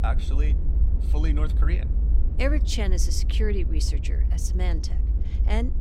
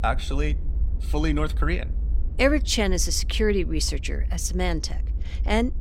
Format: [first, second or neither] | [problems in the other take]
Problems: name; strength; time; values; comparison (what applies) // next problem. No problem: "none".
second | low rumble; loud; throughout; 10 dB below the speech; faint in the second